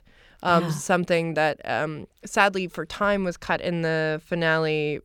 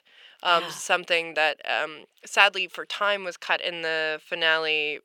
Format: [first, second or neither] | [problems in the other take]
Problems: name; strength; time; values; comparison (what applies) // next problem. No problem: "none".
first | thin; very; fading below 500 Hz